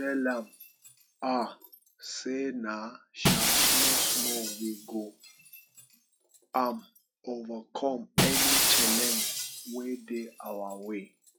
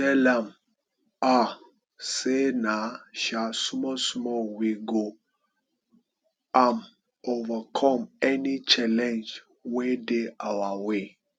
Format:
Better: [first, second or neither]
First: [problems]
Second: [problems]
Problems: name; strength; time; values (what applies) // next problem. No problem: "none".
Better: second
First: noise reduction (classical method log-MMSE)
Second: none